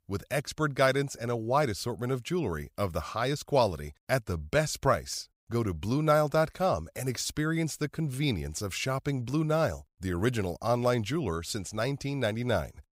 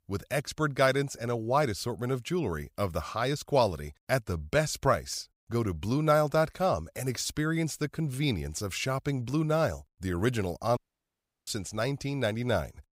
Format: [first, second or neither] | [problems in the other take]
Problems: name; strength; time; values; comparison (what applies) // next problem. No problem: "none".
first | audio cutting out; at 11 s for 0.5 s